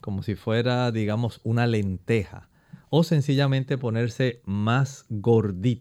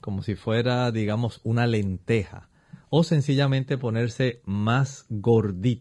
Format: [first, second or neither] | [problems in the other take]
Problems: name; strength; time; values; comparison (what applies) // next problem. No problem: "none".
first | garbled, watery; slightly; nothing above 11.5 kHz